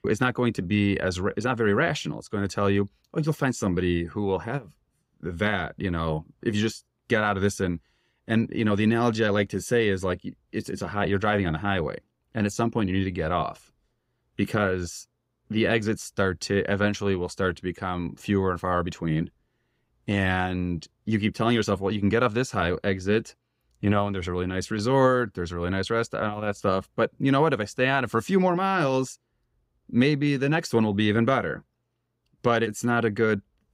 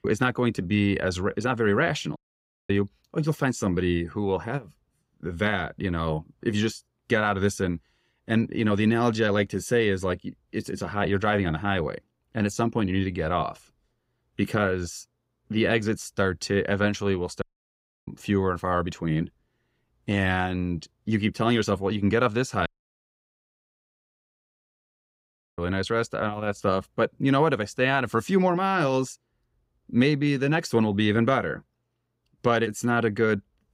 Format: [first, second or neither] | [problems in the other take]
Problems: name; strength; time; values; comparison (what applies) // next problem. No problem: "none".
first | audio cutting out; at 2 s for 0.5 s, at 17 s for 0.5 s and at 23 s for 3 s